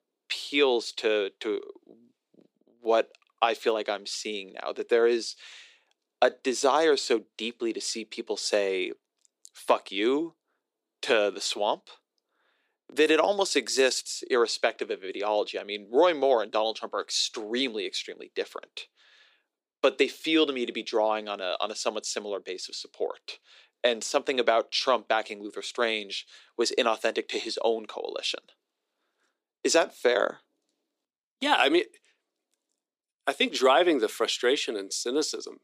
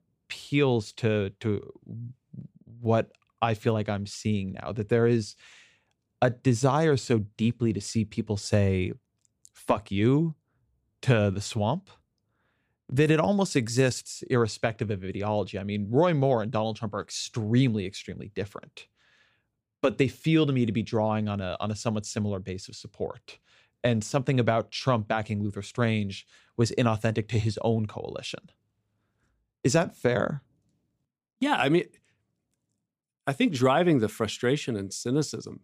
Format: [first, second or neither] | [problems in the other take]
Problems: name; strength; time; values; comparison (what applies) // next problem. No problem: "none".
second | thin; very; fading below 350 Hz